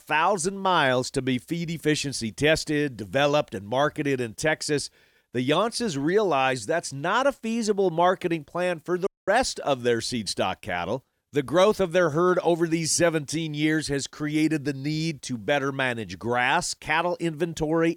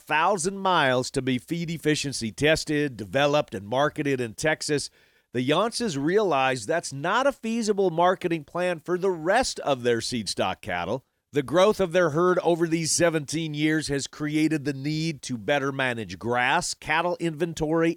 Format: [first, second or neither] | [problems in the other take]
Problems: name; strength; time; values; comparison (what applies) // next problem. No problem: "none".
second | audio cutting out; at 9 s